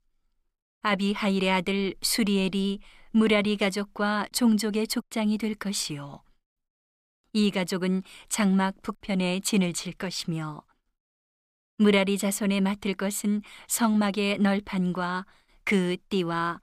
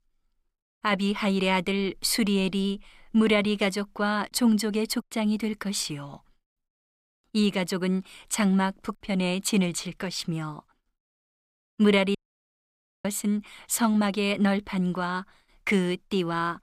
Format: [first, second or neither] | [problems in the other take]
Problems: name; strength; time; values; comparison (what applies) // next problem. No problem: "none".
first | audio cutting out; at 12 s for 1 s